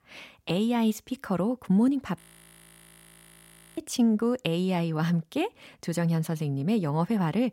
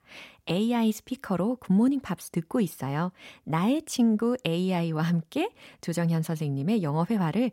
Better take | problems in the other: second | audio freezing; at 2 s for 1.5 s

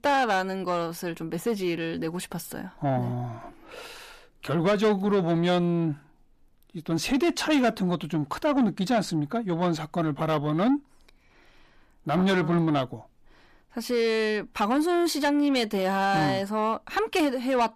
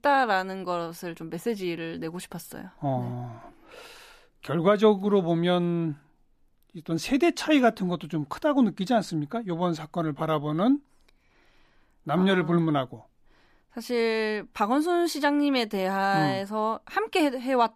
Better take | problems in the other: second | distortion; slight; 10 dB below the speech

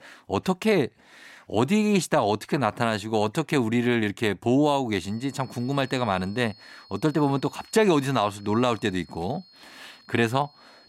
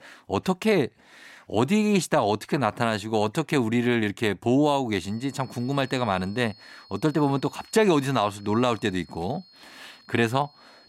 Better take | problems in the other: neither | high-pitched whine; faint; from 5 s on; 4.5 kHz, 25 dB below the speech; the same in both

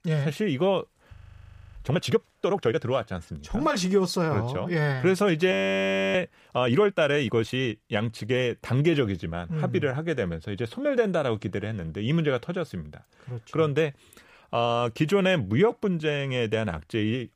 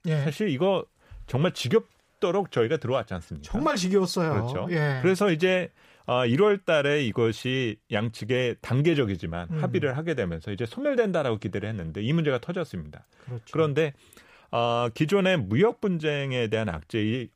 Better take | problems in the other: second | audio freezing; at 1 s for 0.5 s and at 5.5 s for 0.5 s

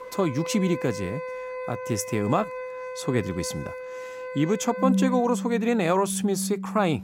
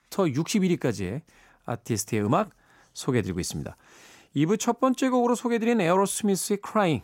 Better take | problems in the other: second | background music; loud; throughout; 7 dB below the speech

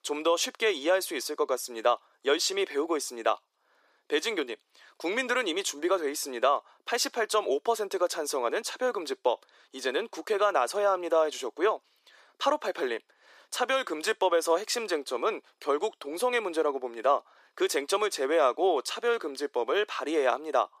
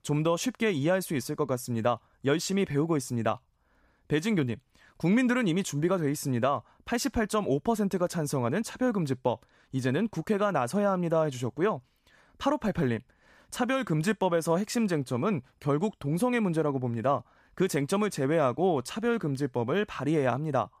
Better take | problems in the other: second | thin; very; fading below 350 Hz

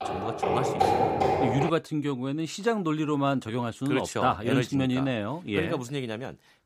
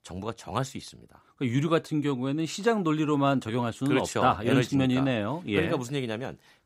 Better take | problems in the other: second | footsteps; loud; until 1.5 s; peak 5 dB above the speech

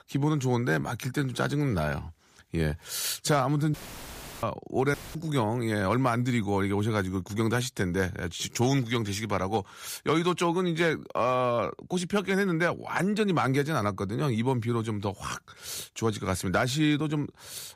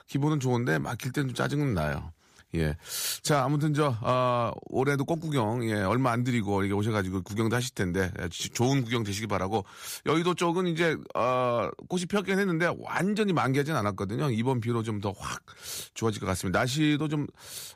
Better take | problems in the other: second | audio cutting out; filled with static; at 3.5 s for 0.5 s and at 5 s

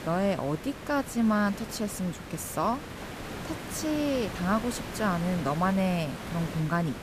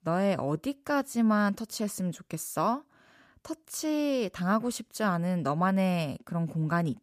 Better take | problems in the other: second | hiss; loud; throughout; 10 dB below the speech

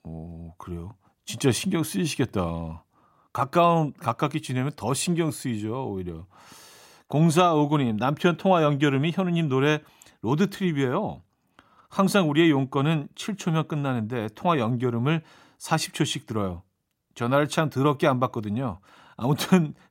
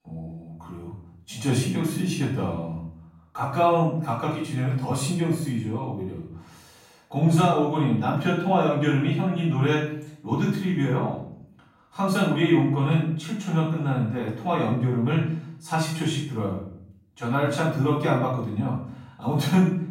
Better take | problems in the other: first | off-mic speech; far // room echo; noticeable; dies away in 0.6 s

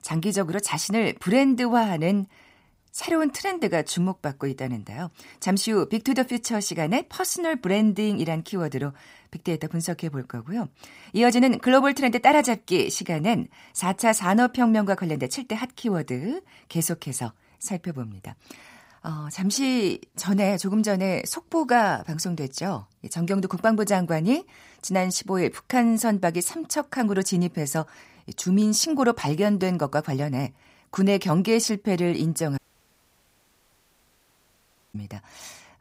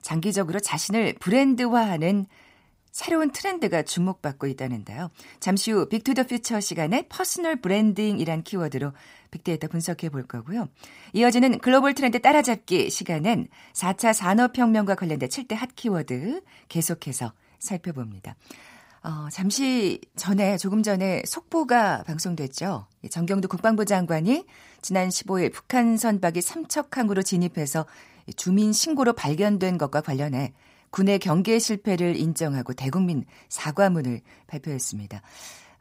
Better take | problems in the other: second | audio cutting out; at 33 s for 2.5 s

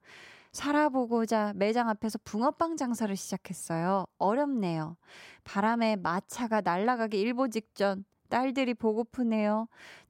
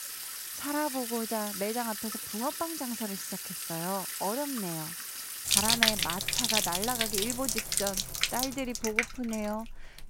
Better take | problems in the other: first | household noises; very loud; throughout; 5 dB above the speech

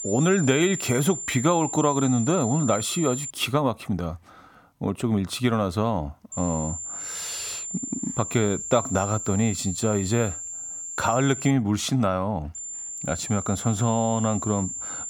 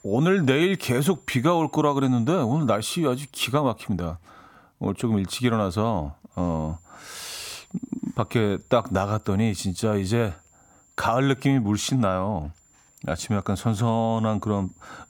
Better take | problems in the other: second | high-pitched whine; loud; until 3.5 s, from 6.5 to 12 s and from 13 s on; 7.5 kHz, 6 dB below the speech; faint in the second

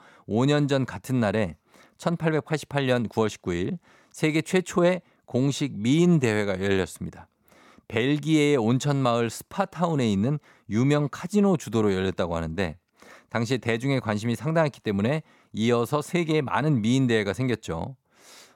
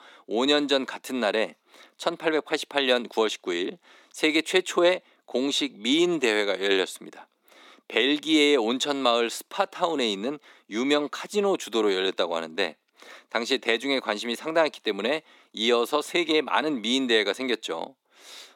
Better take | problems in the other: first | thin; somewhat; fading below 300 Hz

